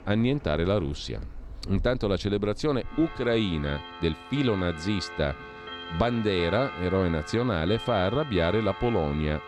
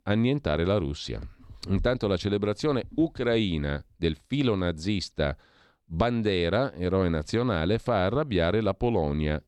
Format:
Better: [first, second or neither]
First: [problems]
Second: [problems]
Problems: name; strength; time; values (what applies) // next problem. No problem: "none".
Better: second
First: household noises; noticeable; throughout; 15 dB below the speech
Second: none